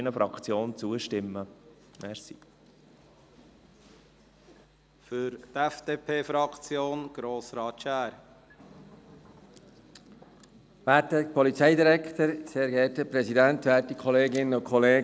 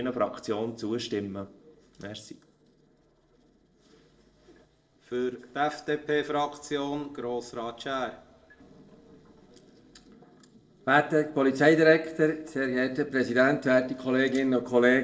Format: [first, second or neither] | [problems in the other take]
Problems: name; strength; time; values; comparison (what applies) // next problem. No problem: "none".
first | noise reduction (neural separator model SepFormer DNS4)